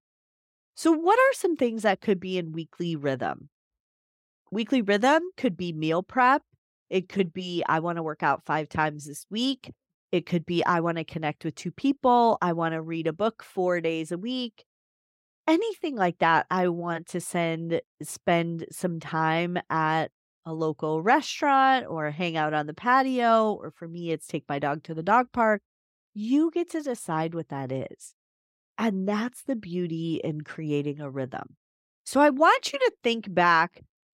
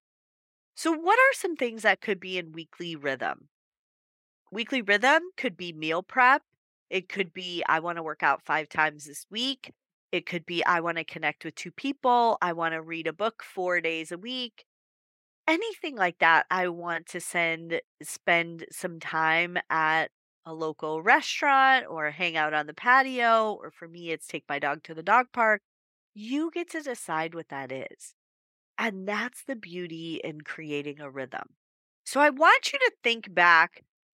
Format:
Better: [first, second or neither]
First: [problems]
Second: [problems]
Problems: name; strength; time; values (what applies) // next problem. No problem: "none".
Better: first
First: none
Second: thin; somewhat; fading below 1 kHz